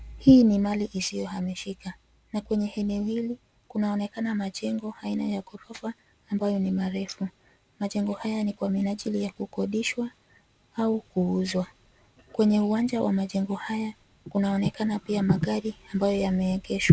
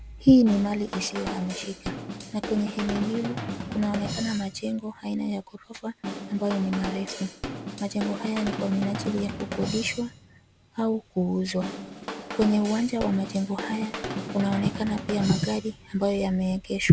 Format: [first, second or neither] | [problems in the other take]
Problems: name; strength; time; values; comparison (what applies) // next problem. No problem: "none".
first | background sound (Drum / Drum kit); 9 dB below the speech